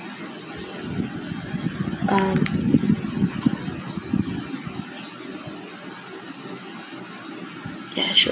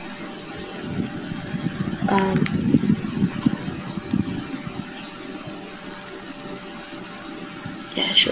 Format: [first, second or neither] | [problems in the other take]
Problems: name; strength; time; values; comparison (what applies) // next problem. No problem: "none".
first | background sound (Boiling + Wind instrument, woodwind instrument); 19 dB below the speech